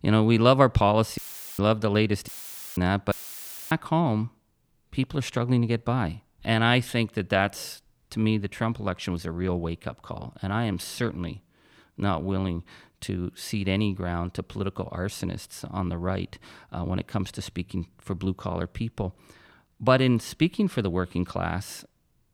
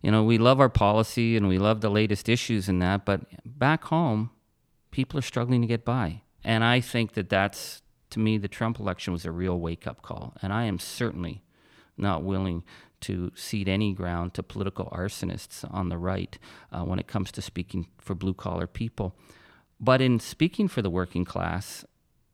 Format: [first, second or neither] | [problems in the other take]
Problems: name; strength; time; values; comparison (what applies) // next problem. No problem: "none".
second | audio cutting out; filled with static; at 1 s, at 2.5 s and at 3 s for 0.5 s